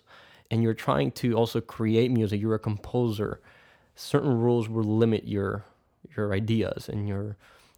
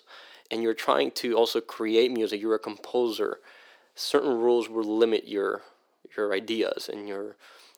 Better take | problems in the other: first | thin; somewhat; fading below 350 Hz

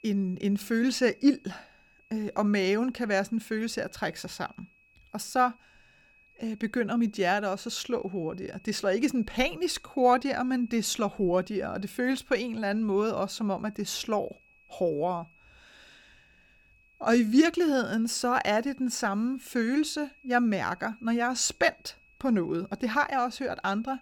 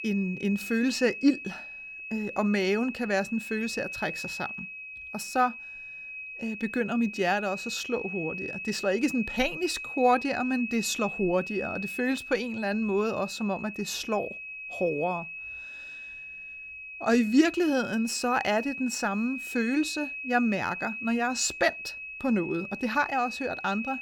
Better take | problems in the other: first | high-pitched whine; loud; throughout; 2.5 kHz, 8 dB below the speech; faint in the first

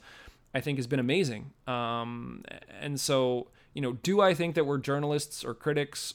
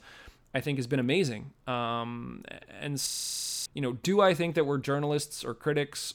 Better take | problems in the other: first | audio freezing; at 3 s for 0.5 s

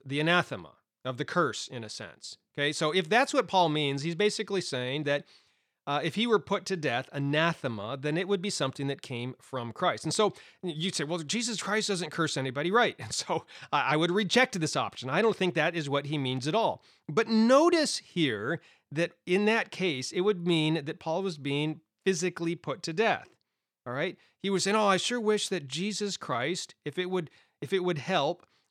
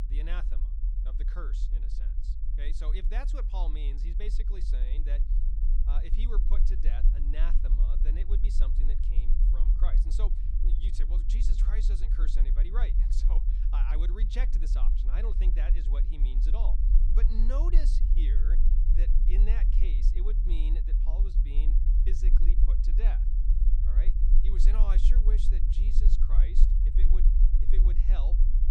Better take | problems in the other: first | low rumble; loud; throughout; 5 dB below the speech

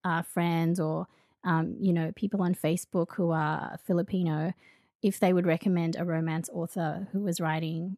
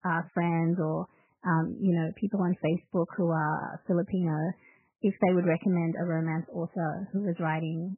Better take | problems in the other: first | garbled, watery; badly; nothing above 3 kHz

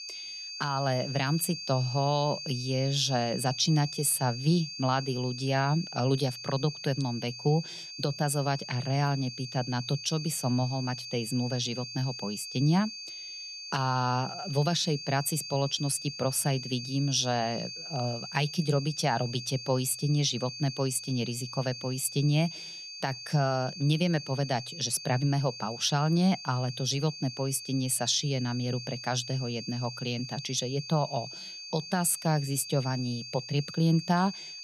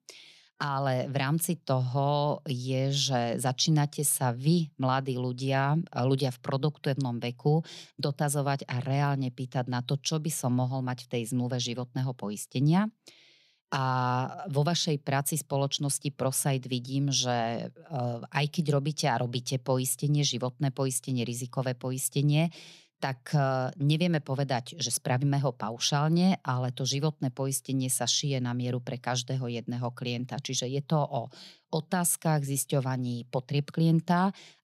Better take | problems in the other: second | high-pitched whine; loud; throughout; 4.5 kHz, 9 dB below the speech

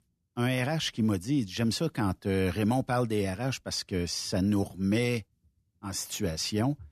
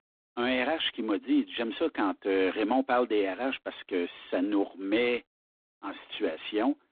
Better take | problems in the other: first | phone-call audio; poor line

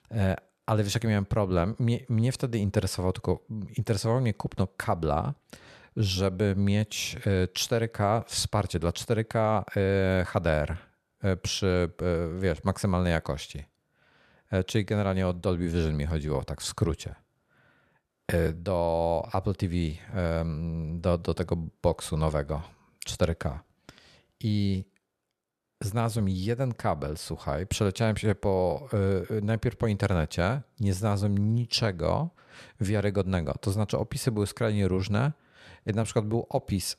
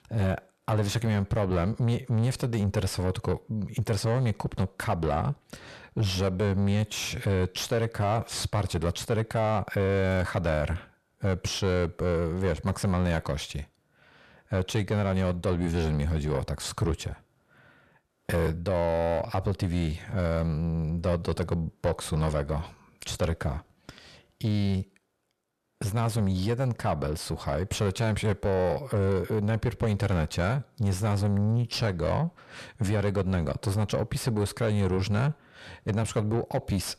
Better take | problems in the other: first | distortion; slight; 10 dB below the speech

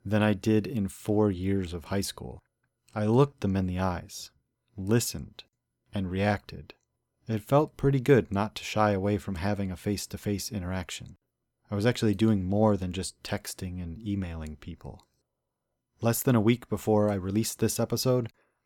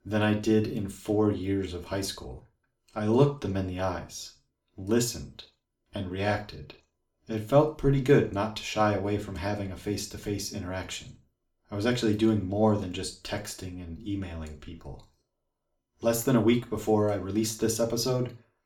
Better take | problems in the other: first | room echo; very slight; dies away in 0.3 s // off-mic speech; somewhat distant

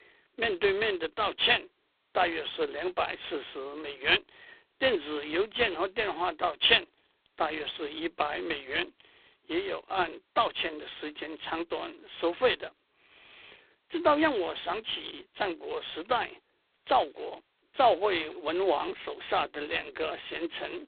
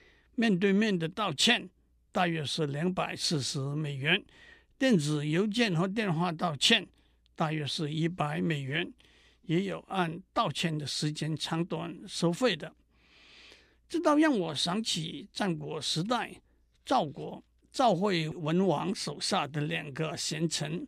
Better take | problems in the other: second | phone-call audio; poor line; nothing above 3.5 kHz

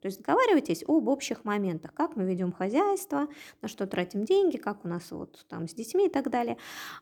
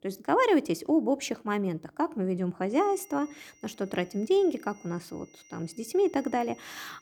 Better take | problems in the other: first | high-pitched whine; faint; from 2.5 s on; 6 kHz, 30 dB below the speech

